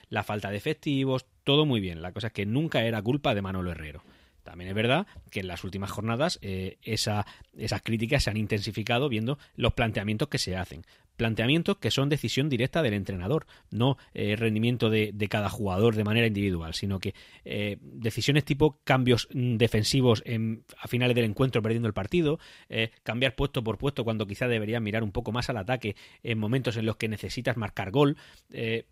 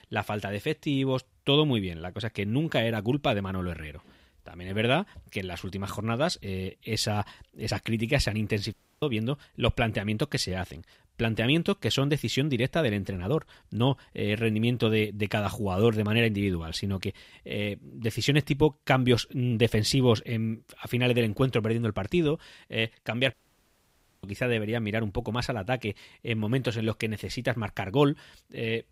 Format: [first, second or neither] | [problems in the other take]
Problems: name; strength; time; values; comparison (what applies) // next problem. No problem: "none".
first | audio cutting out; at 8.5 s and at 23 s for 1 s